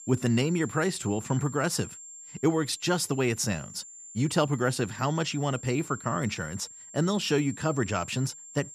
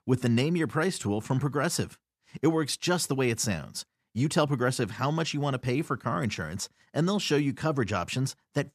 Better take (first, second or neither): second